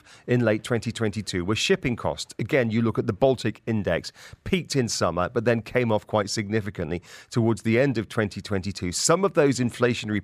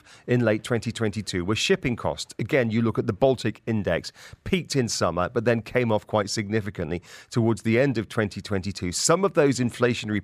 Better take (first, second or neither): neither